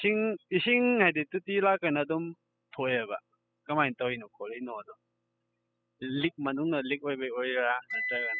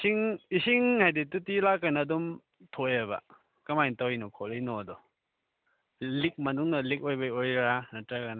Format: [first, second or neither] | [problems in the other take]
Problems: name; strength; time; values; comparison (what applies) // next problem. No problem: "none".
second | noise reduction (classical method spectral subtraction)